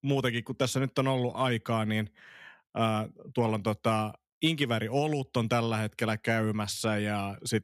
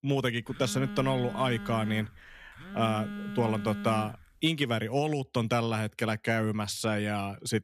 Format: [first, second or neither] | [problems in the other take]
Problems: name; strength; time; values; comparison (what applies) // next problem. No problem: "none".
first | phone ringing; noticeable; until 4.5 s; peak 7 dB below the speech